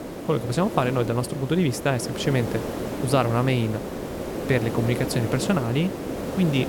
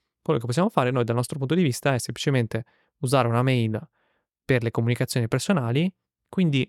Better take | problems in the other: second | hiss; loud; throughout; 6 dB below the speech

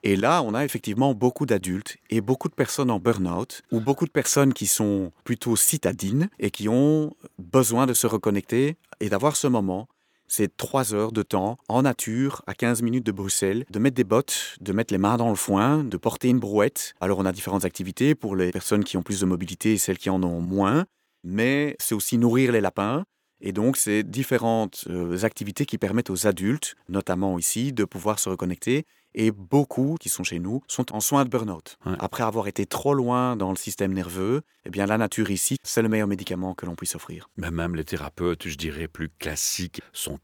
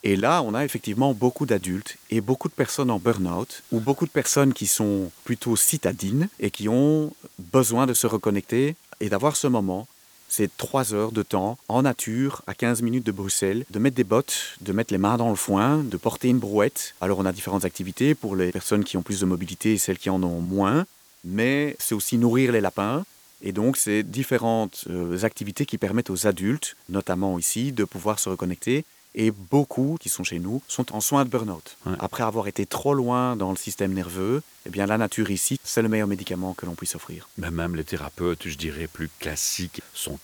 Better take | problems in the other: first | hiss; faint; throughout; 25 dB below the speech

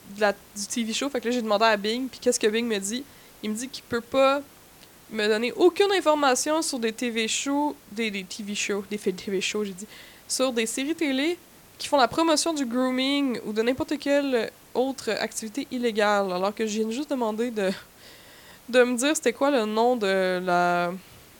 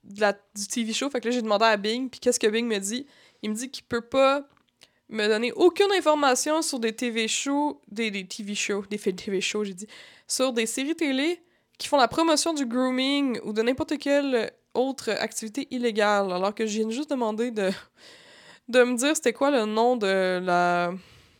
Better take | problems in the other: second | hiss; faint; throughout; 25 dB below the speech

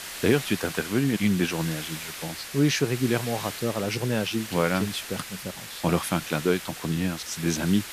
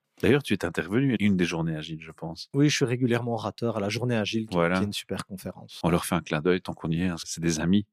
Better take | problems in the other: second | hiss; loud; throughout; 9 dB below the speech

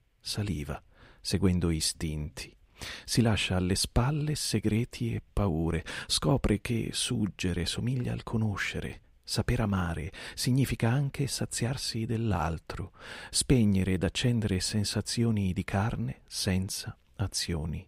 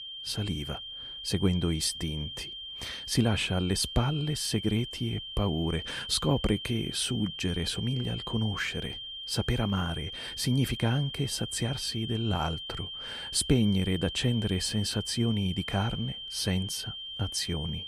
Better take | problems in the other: first | high-pitched whine; loud; throughout; 3 kHz, 7 dB below the speech

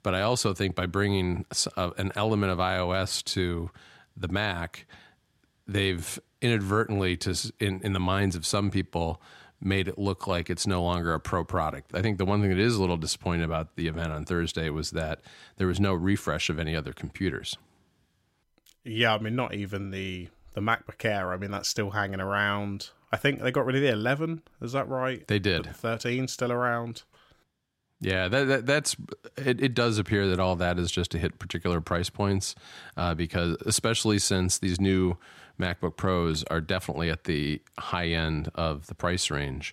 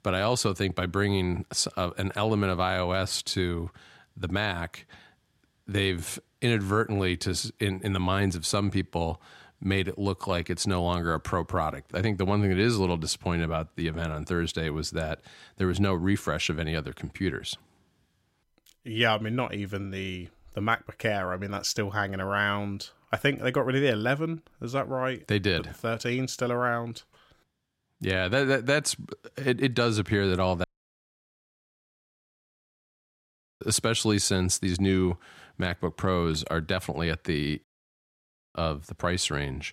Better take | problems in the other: first | audio cutting out; at 31 s for 3 s and at 38 s for 1 s

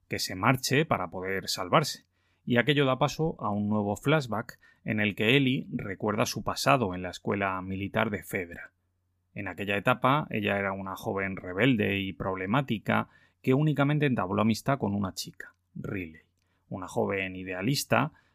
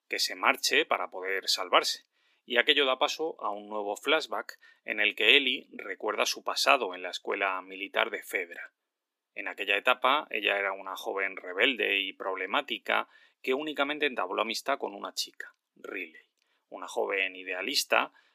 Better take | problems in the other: first | thin; very; fading below 350 Hz

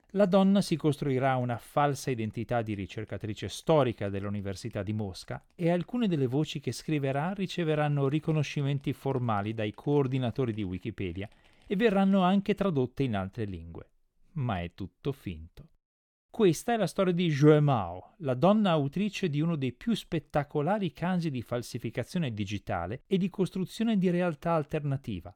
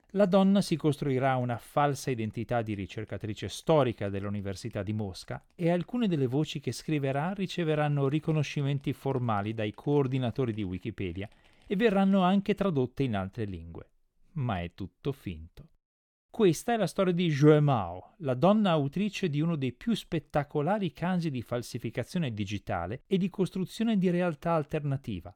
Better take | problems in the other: neither | none

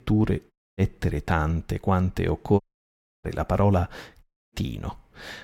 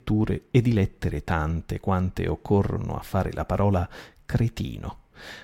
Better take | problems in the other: second | audio cutting out; at 0.5 s, at 2.5 s for 0.5 s and at 4 s

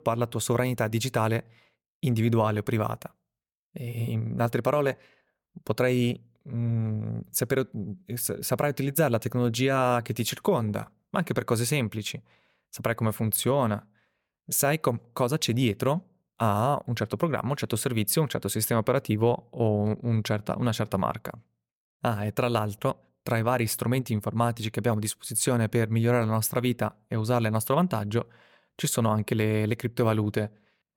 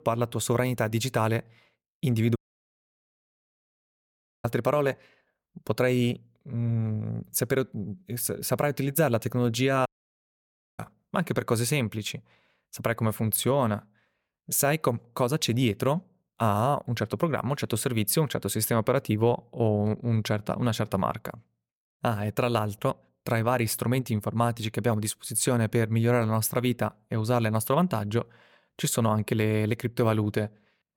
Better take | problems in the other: first | audio cutting out; at 2.5 s for 2 s and at 10 s for 1 s

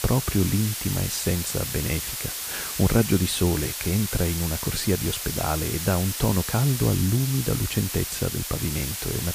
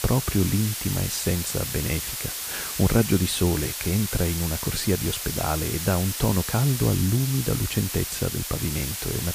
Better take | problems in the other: neither | hiss; loud; throughout; 4 dB below the speech; the same in both

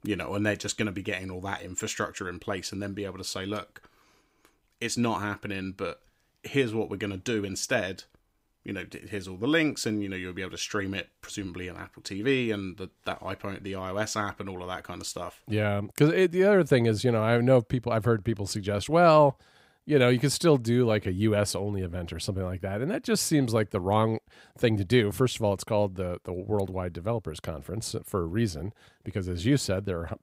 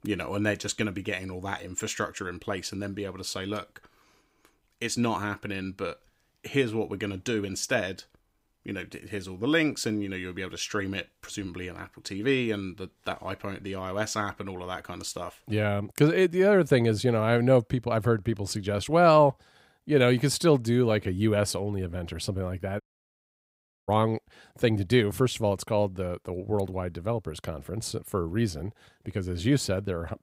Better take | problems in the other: first | audio cutting out; at 23 s for 1 s

